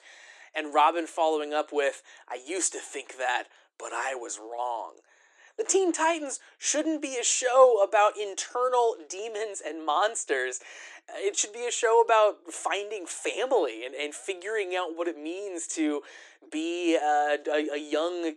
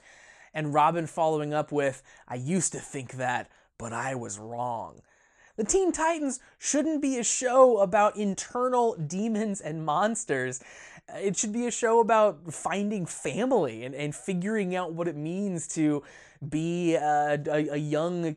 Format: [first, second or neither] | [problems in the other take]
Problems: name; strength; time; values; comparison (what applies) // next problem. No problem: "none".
second | thin; very; fading below 300 Hz